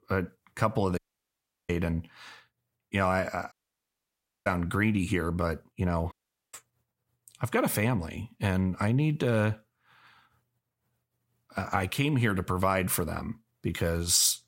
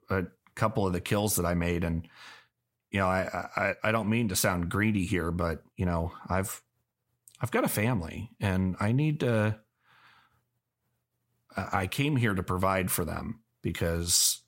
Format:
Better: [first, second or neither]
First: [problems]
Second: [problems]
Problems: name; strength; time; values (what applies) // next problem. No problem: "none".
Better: second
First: audio cutting out; at 1 s for 0.5 s, at 3.5 s for 1 s and at 6 s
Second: none